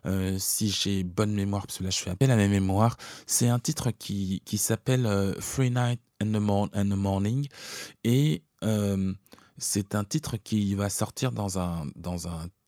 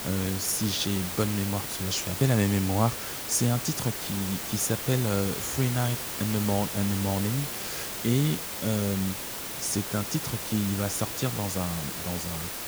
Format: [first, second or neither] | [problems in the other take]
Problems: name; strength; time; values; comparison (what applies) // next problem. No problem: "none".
first | hiss; loud; throughout; 4 dB below the speech